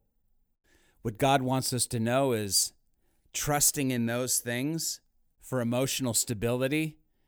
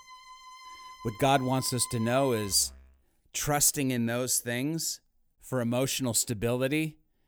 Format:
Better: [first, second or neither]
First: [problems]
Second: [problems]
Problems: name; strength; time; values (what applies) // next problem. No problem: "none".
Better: first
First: none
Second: background music; noticeable; until 3 s; 20 dB below the speech